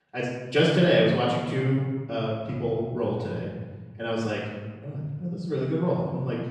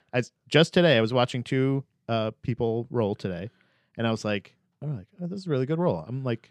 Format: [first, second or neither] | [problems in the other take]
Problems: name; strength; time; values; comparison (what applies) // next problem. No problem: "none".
second | off-mic speech; far // room echo; strong; dies away in 1.3 s